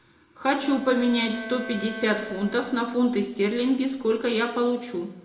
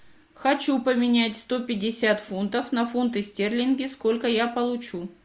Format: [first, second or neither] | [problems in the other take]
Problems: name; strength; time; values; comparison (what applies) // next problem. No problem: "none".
second | background sound (Bowed string instrument); 15 dB below the speech // room echo; dies away in 0.5 s